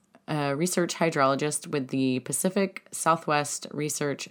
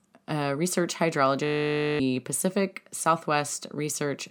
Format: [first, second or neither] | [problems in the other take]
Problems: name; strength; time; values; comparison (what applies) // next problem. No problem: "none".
first | audio freezing; at 1.5 s for 0.5 s